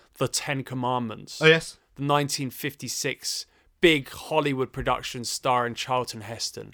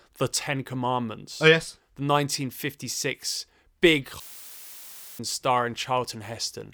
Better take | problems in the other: first | audio cutting out; filled with static; at 4 s for 1 s

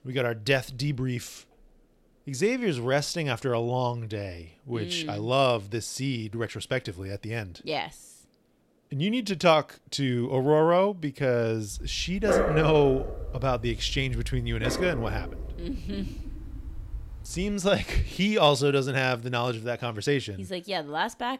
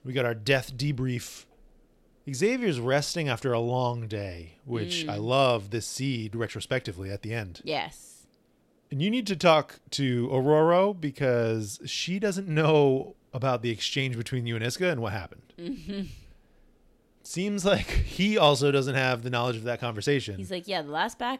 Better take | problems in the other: second | dog barking; loud; from 12 to 18 s; peak 3 dB above the speech

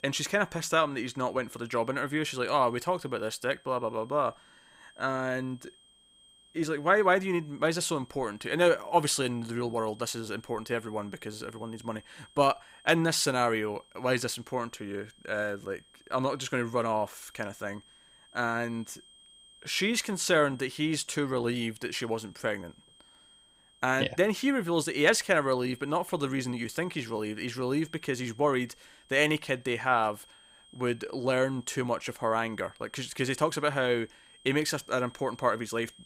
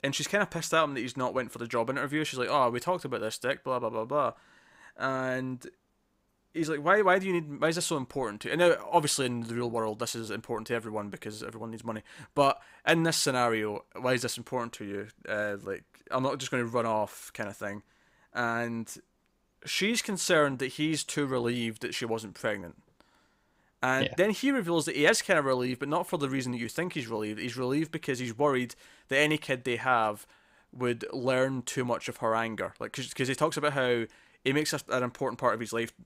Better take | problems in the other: second | high-pitched whine; faint; throughout; 3 kHz, 25 dB below the speech

